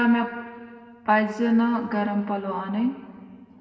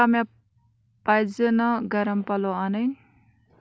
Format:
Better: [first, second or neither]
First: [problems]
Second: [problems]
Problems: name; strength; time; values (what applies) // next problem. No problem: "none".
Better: second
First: room echo; dies away in 1.9 s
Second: none